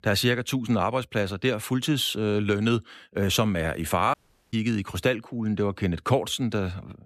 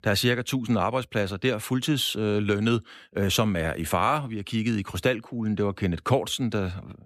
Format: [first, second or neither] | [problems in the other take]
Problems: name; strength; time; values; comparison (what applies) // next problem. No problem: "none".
second | audio cutting out; at 4 s